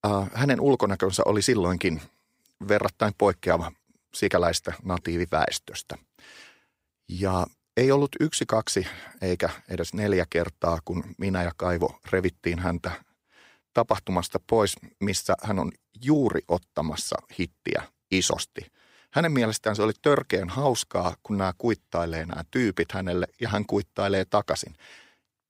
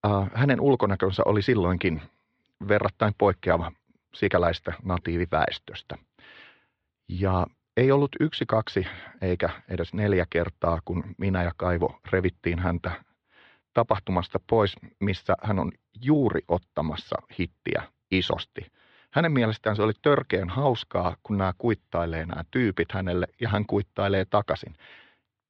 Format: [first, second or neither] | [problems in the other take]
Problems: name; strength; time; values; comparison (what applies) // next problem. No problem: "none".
first | muffled; slightly; fading above 3.5 kHz